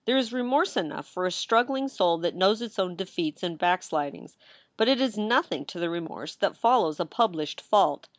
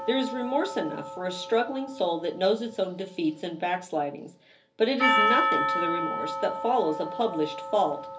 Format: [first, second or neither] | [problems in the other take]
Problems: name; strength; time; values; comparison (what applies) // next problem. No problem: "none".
first | background sound (Percussion); 3 dB below the speech // room echo; dies away in 0.3 s